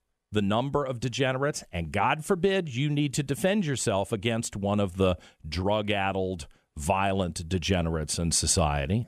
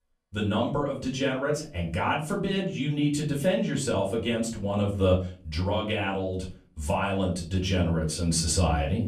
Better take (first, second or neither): first